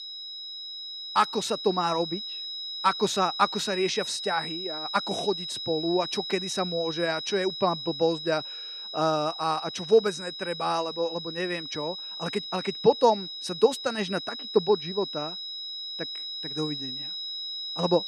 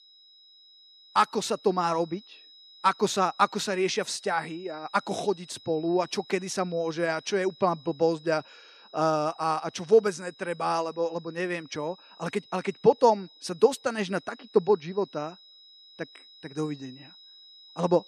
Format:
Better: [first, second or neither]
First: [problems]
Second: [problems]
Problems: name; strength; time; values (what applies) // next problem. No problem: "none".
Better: second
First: high-pitched whine; loud; throughout; 4 kHz, 6 dB below the speech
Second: high-pitched whine; faint; throughout; 4 kHz, 25 dB below the speech